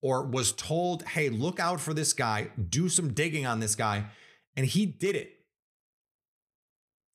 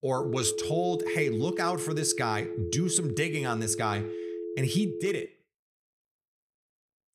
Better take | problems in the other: first | phone ringing; noticeable; until 5.5 s; peak 2 dB below the speech

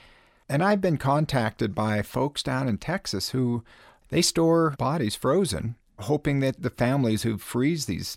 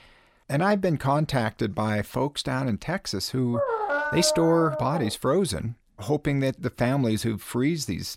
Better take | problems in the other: first | dog barking; noticeable; from 3.5 to 5 s; peak level with the speech

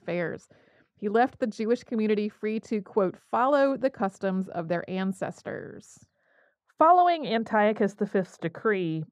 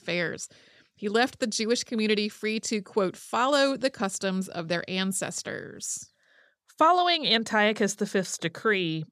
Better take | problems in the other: second | muffled; very; fading above 2.5 kHz

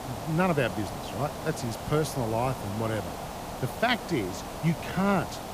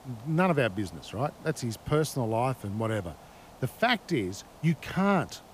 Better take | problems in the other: second | hiss; loud; throughout; 7 dB below the speech; faint in the second

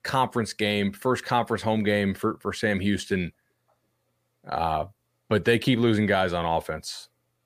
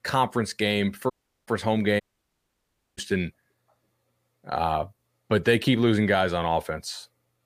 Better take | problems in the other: first | audio cutting out; at 1 s and at 2 s for 1 s

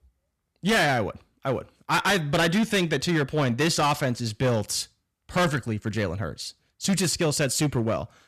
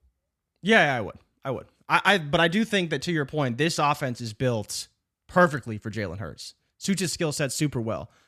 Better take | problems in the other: second | distortion; heavy; 11% of the sound clipped

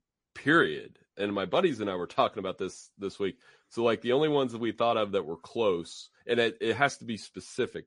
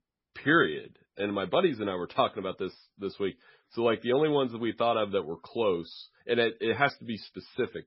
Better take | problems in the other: first | garbled, watery; badly; nothing above 5.5 kHz; slightly in the first

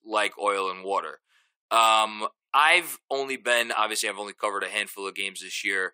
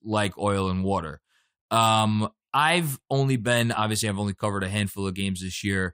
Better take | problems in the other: second | thin; very; fading below 350 Hz

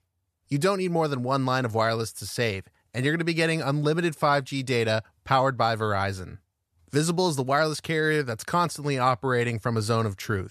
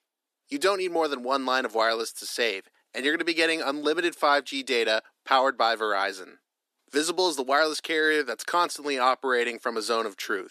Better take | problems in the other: first | thin; somewhat; fading below 250 Hz

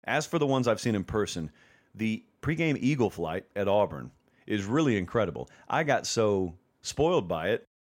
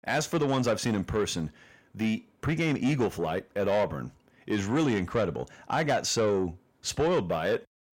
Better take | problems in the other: first | distortion; slight; 10 dB below the speech

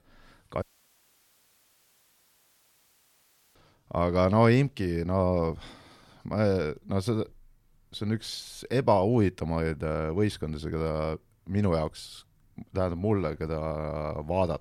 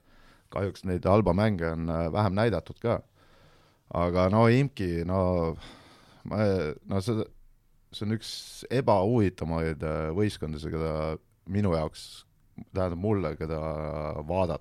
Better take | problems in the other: second | audio cutting out; at 0.5 s for 3 s

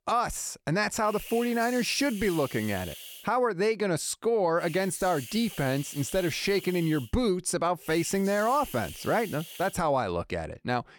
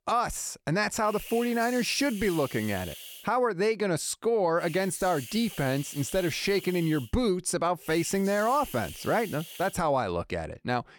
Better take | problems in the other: neither | hiss; noticeable; from 1 to 3 s, from 4.5 to 7 s and from 8 to 9.5 s; 15 dB below the speech; the same in both

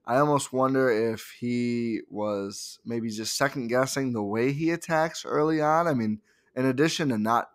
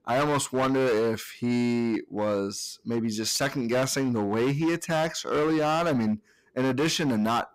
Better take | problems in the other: first | distortion; heavy; 18% of the sound clipped

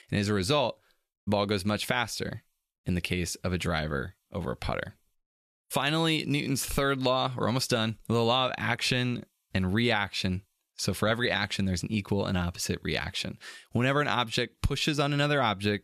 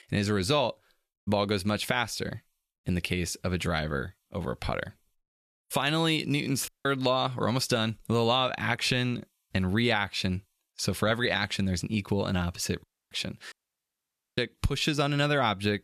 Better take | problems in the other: first | audio cutting out; at 6.5 s, at 13 s and at 14 s for 1 s

